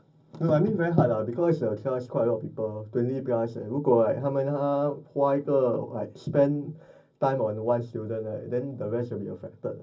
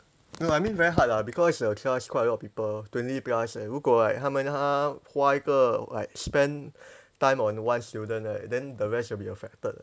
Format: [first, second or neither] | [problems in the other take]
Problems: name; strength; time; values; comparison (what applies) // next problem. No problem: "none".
second | room echo; dies away in 0.4 s